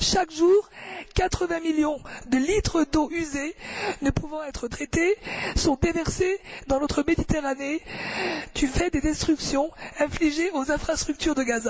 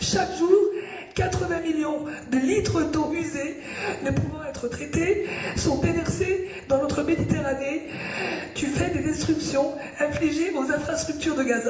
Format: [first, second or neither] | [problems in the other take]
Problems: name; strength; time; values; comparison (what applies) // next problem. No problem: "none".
first | room echo; dies away in 0.8 s